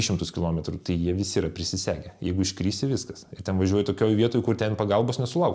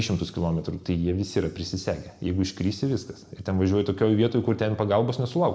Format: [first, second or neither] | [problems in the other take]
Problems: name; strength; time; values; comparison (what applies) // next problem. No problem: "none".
first | room echo; dies away in 1.2 s